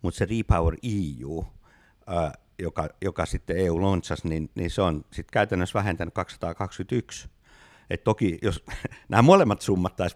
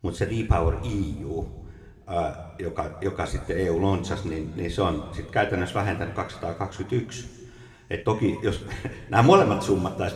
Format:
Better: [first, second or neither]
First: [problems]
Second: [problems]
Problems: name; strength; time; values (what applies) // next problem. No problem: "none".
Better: first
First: none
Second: room echo; slight; dies away in 1.5 s // off-mic speech; somewhat distant